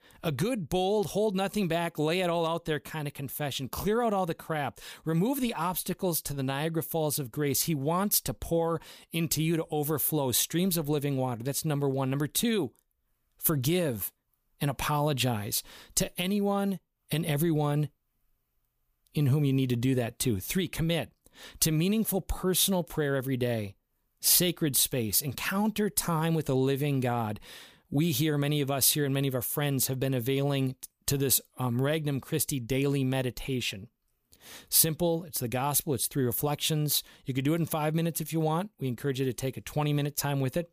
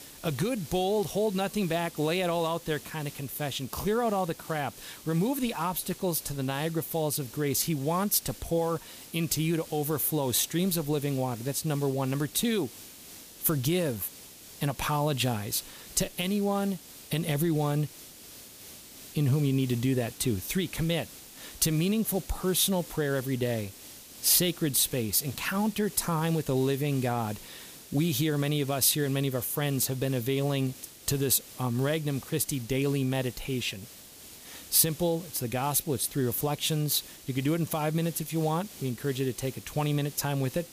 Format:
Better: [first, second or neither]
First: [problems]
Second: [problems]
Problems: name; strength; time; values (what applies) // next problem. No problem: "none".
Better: first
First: none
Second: hiss; noticeable; throughout; 15 dB below the speech